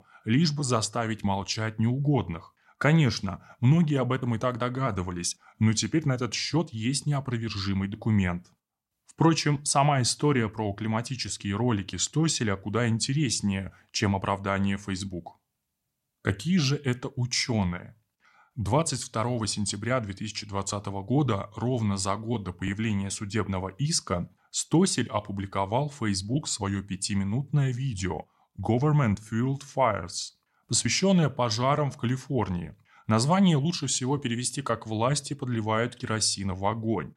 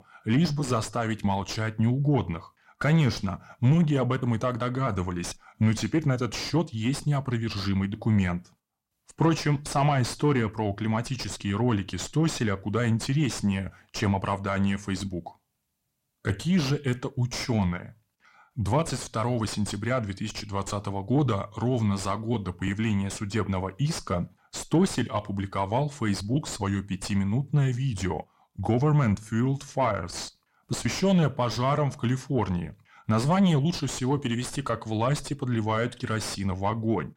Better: first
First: none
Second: distortion; slight; 9 dB below the speech

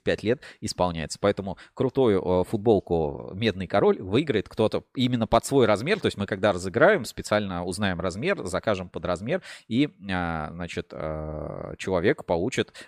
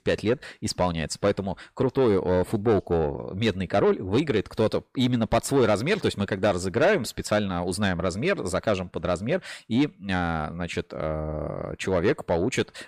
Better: first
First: none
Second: distortion; slight; 10 dB below the speech

